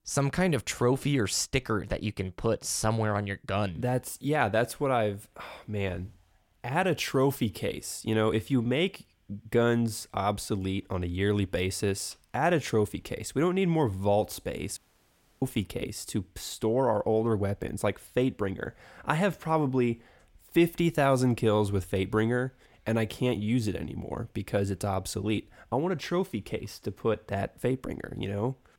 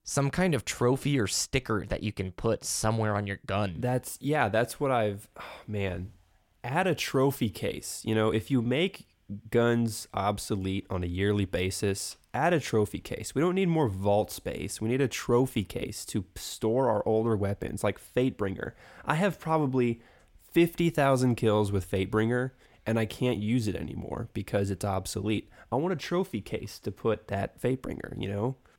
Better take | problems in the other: second | audio cutting out; at 15 s for 0.5 s

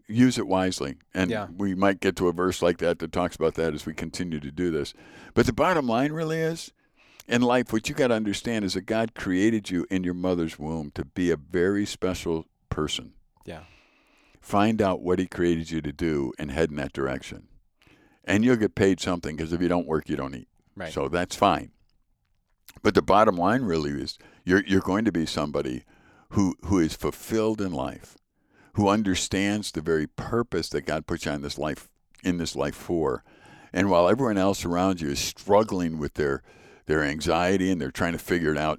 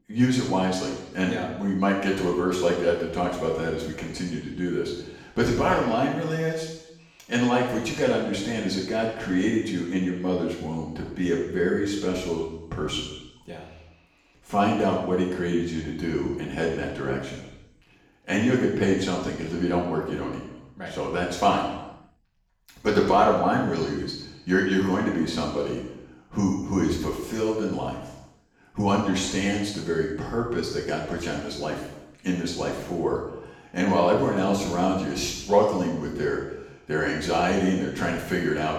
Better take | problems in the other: first | room echo; noticeable; dies away in 0.9 s // off-mic speech; far

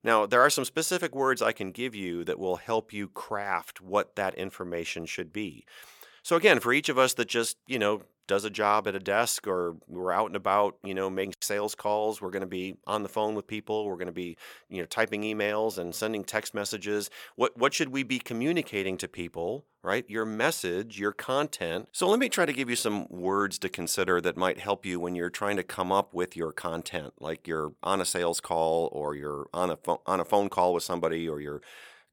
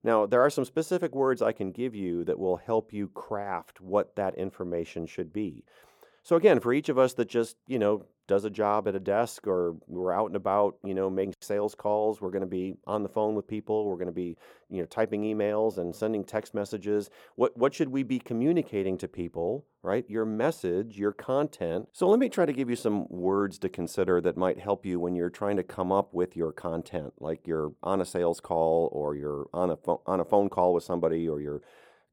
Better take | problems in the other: first | muffled; slightly; fading above 1 kHz

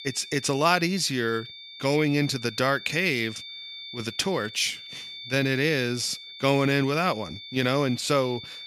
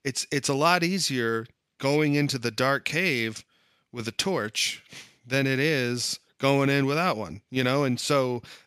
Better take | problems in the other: second | high-pitched whine; noticeable; throughout; 3.5 kHz, 15 dB below the speech

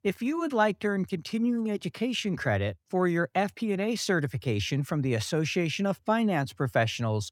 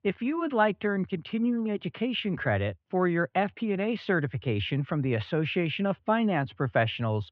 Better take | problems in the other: first | muffled; very; fading above 3 kHz

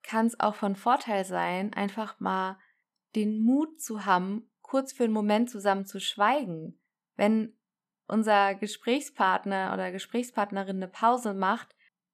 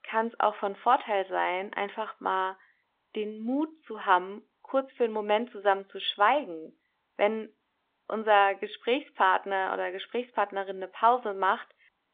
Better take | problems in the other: first | phone-call audio; nothing above 3.5 kHz

